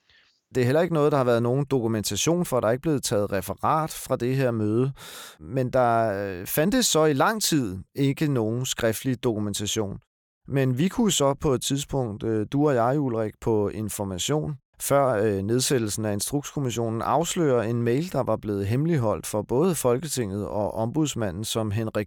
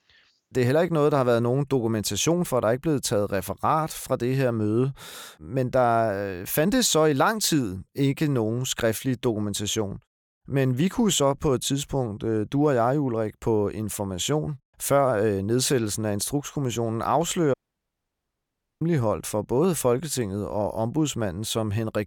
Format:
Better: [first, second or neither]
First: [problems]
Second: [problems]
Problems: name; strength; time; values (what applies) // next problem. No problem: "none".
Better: first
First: none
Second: audio cutting out; at 18 s for 1.5 s